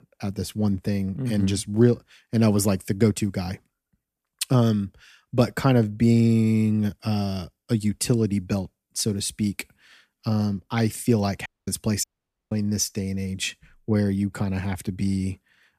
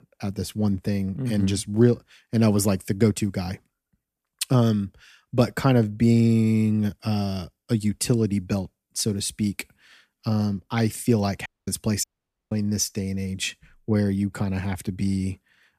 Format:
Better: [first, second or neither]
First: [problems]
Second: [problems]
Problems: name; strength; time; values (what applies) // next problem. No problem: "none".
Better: neither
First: audio cutting out; at 11 s and at 12 s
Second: audio cutting out; at 11 s and at 12 s